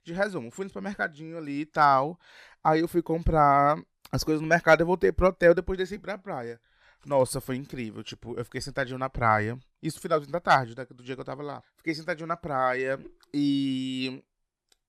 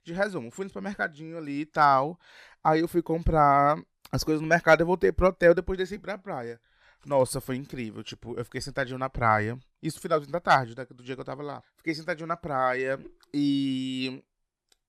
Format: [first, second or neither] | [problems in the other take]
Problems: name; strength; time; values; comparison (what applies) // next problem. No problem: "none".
neither | none